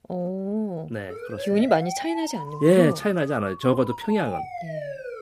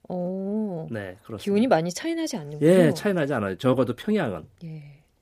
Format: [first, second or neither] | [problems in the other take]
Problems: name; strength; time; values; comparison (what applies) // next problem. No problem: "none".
second | siren; noticeable; from 1 s on; peak 9 dB below the speech